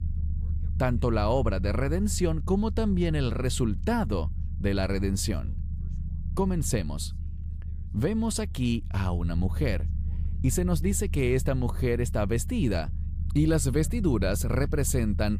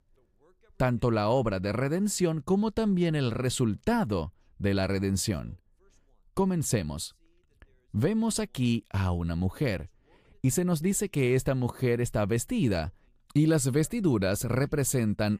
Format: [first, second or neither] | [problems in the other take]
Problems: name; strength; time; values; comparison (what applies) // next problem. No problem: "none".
second | low rumble; noticeable; throughout; 20 dB below the speech